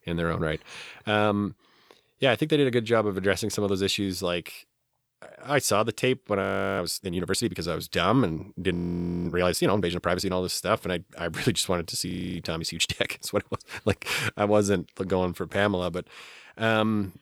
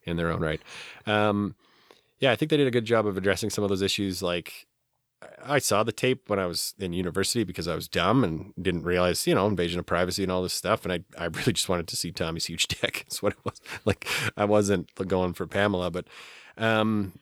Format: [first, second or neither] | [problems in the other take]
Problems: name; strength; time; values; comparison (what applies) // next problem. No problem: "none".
second | audio freezing; at 6.5 s, at 8.5 s for 0.5 s and at 12 s